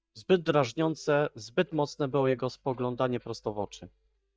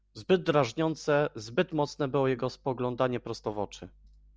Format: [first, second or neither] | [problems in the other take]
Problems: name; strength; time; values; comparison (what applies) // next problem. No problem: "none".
second | noise reduction (neural mask model DeepFilterNet 3)